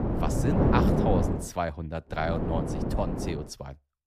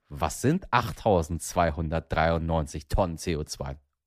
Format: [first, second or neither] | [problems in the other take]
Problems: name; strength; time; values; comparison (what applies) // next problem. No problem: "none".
second | wind noise on the microphone; heavy; until 1.5 s and from 2 to 3.5 s; as loud as the speech